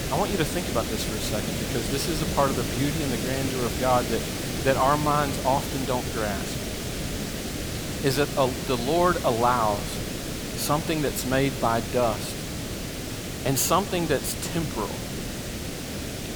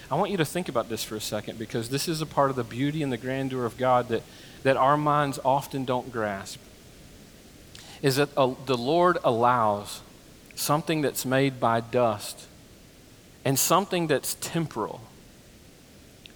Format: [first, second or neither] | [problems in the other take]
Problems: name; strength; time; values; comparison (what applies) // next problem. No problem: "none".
second | hiss; loud; throughout; 4 dB below the speech; faint in the second